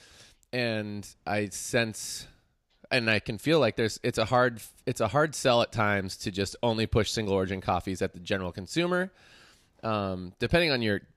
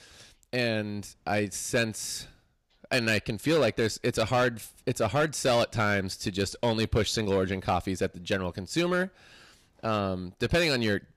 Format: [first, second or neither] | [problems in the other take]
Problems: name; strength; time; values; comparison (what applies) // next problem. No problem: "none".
first | distortion; slight; 5% of the sound clipped